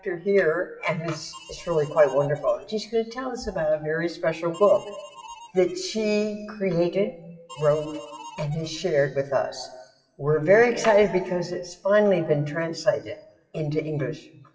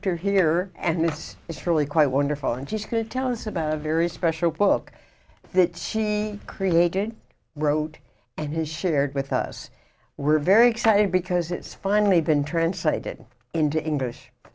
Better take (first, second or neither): second